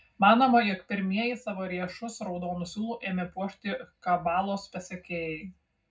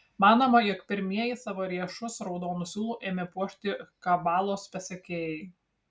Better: second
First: room echo; dies away in 0.3 s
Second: none

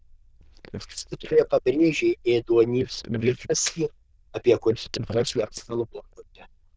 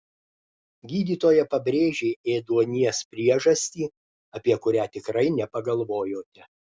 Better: second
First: noise reduction (neural diffusion model UNIVERSE++)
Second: none

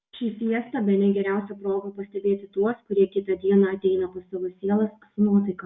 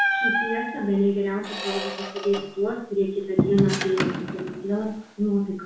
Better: first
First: none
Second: background sound (Squeak); 3 dB below the speech // room echo; dies away in 0.5 s

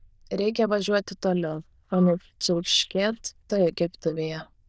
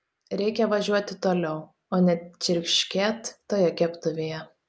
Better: second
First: noise reduction (neural diffusion model UNIVERSE++)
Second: none

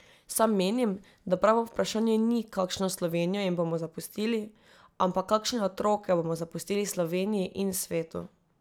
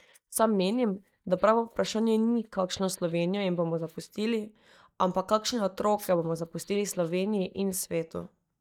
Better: first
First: none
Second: noise reduction (neural mask model DeepFilterNet 3)

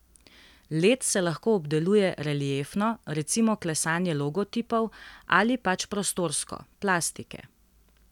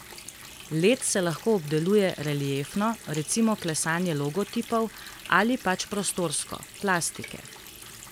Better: first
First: none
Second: background sound (Water tap, faucet); 17 dB below the speech

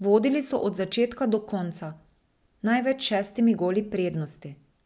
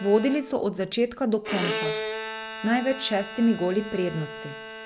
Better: first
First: none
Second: background sound (Bowed string instrument); 8 dB below the speech

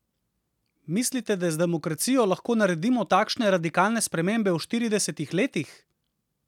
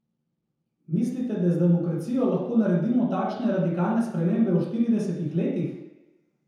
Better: first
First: none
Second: room echo; dies away in 0.9 s

